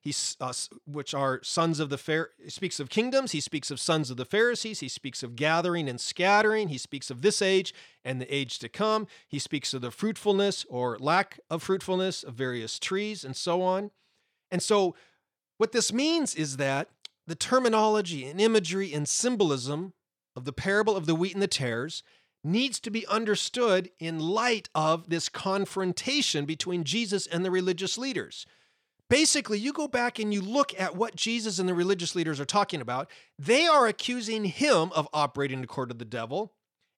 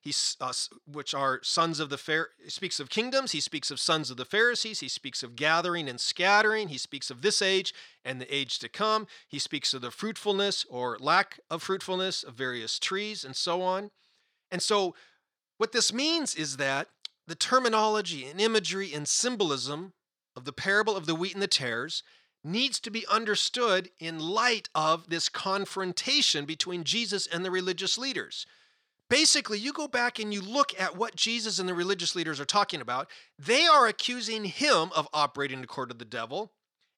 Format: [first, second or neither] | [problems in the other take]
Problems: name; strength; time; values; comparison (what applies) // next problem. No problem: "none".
first | thin; very slightly; fading below 400 Hz